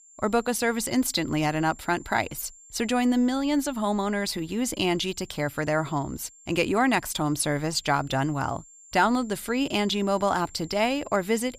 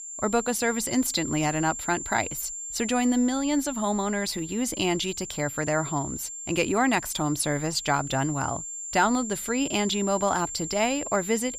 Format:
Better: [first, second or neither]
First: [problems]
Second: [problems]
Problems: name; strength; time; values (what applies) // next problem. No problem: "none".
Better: first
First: high-pitched whine; faint; throughout; 7.5 kHz, 25 dB below the speech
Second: high-pitched whine; loud; throughout; 7.5 kHz, 7 dB below the speech